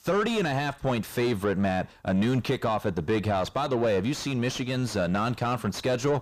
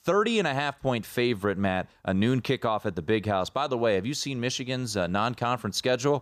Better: second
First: distortion; heavy; 8 dB below the speech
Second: none

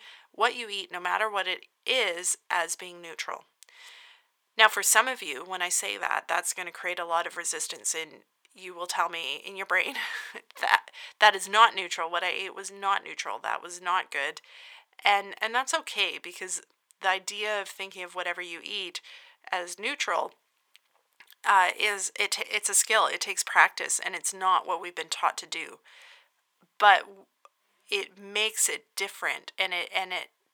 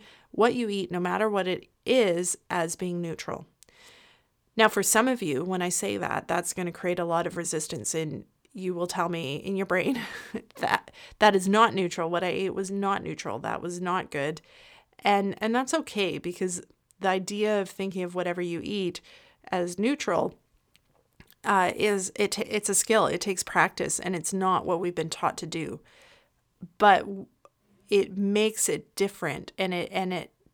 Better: second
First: thin; very; fading below 850 Hz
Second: none

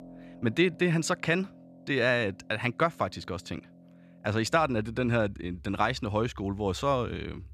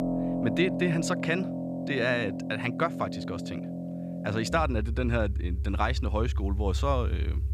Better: first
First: background music; faint; throughout; 20 dB below the speech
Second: background music; loud; throughout; 2 dB below the speech

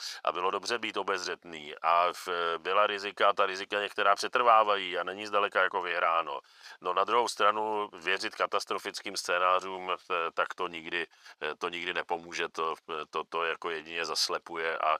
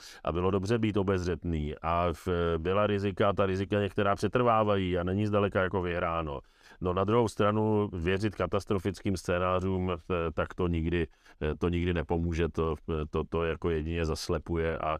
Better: second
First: thin; very; fading below 850 Hz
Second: none

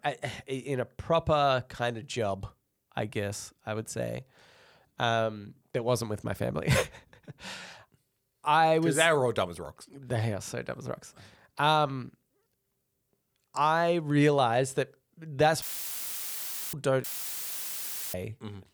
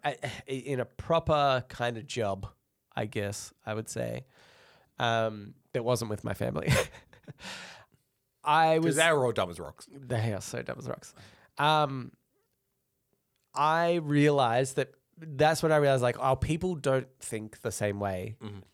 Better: second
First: audio cutting out; filled with static; at 16 s for 1 s and at 17 s for 1 s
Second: none

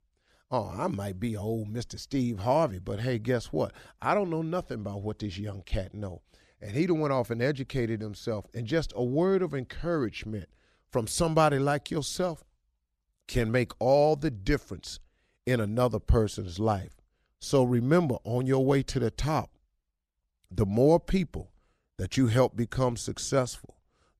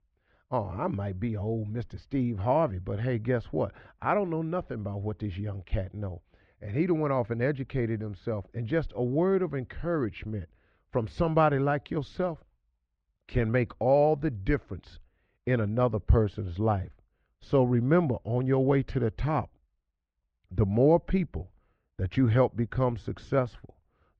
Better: first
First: none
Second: muffled; very; fading above 2.5 kHz

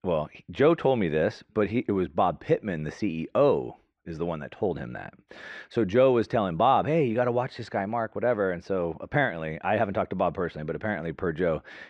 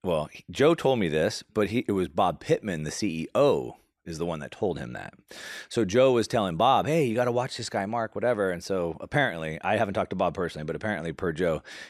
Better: second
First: muffled; slightly; fading above 2.5 kHz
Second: none

